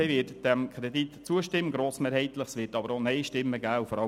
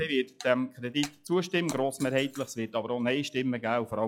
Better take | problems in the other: first | noise reduction (classical method log-MMSE)

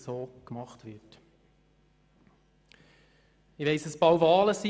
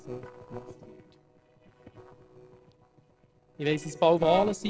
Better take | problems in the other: first | noise reduction (neural separator model SepFormer DNS4)

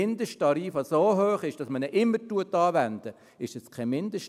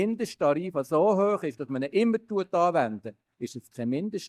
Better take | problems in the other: first | noise reduction (neural mask model DeepFilterNet 3)

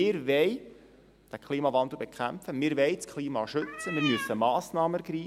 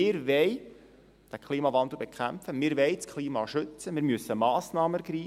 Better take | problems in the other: second | background sound (Cat); 6 dB below the speech

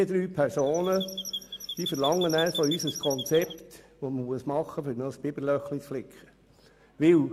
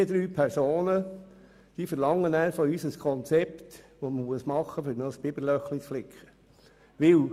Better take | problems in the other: second | background sound (Chirp, tweet); 8 dB below the speech

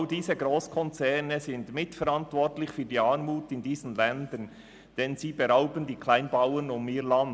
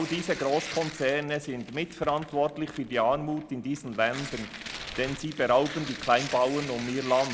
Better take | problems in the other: first | background sound (Tearing); 12 dB below the speech

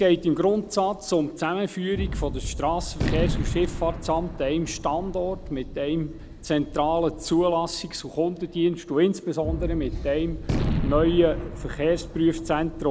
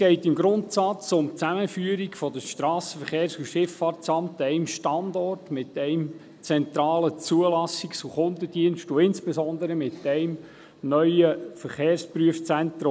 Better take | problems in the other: second | background sound (Gunshot, gunfire); 6 dB below the speech

